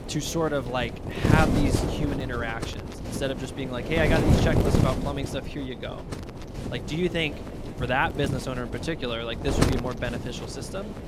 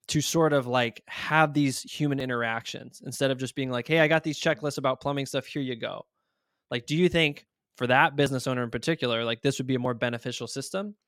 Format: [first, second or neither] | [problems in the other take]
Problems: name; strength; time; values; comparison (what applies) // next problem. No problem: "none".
second | wind noise on the microphone; heavy; 4 dB below the speech